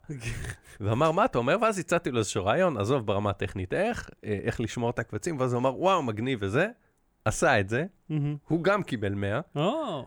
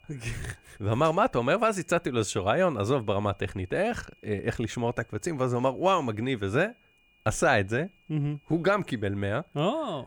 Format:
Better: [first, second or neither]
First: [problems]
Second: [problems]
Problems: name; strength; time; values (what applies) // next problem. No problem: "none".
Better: first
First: none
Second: high-pitched whine; faint; throughout; 2.5 kHz, 35 dB below the speech